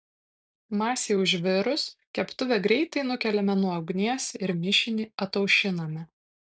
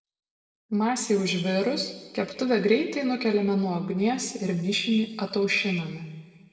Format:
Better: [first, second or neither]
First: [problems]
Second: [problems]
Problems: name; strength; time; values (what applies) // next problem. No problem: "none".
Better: first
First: none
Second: room echo; dies away in 1.5 s